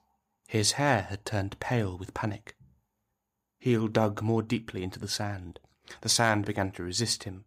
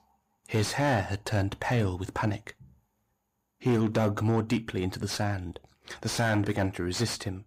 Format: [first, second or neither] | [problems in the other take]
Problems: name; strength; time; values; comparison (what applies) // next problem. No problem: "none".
first | distortion; heavy; 6 dB below the speech